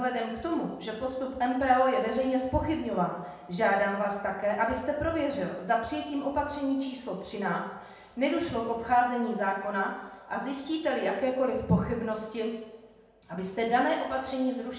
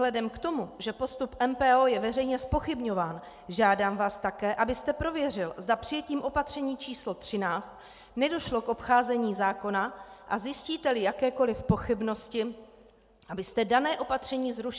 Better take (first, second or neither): second